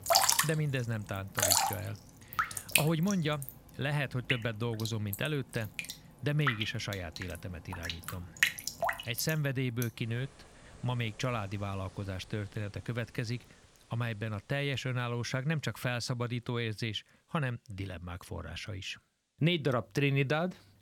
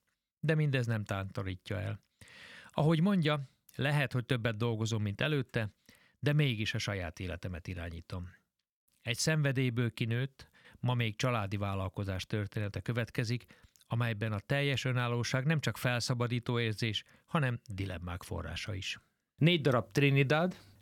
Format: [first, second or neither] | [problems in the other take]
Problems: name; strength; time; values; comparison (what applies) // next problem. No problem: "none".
second | rain or running water; very loud; throughout; 2 dB above the speech